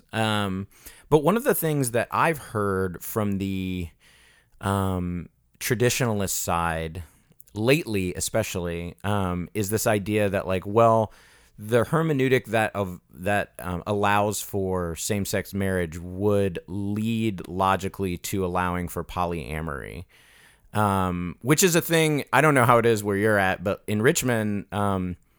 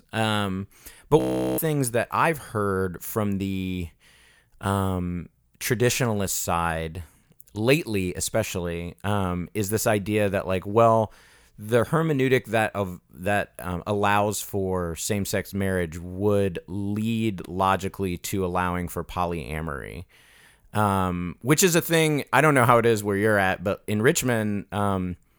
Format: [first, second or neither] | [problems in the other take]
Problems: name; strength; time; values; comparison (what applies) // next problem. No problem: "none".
first | audio freezing; at 1 s